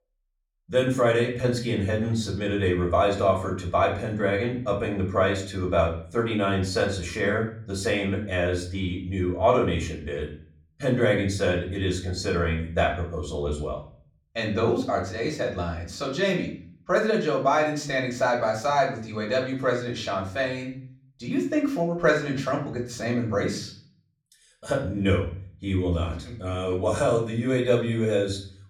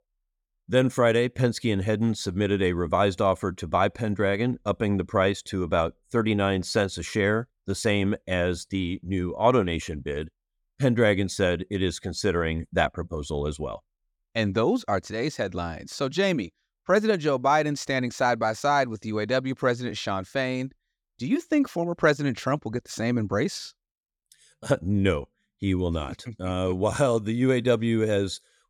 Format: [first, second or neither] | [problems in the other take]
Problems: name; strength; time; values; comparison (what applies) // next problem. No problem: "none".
second | off-mic speech; far // room echo; slight; dies away in 0.5 s